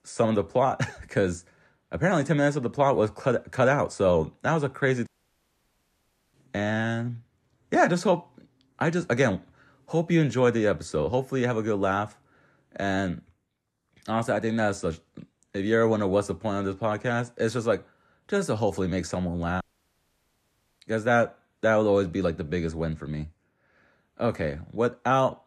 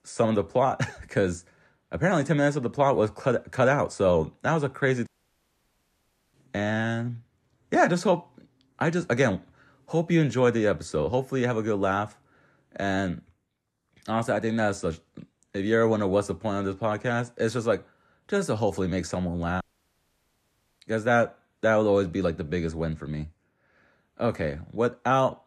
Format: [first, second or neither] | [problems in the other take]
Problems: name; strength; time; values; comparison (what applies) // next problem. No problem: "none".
neither | audio cutting out; at 5 s for 1.5 s and at 20 s for 1 s; the same in both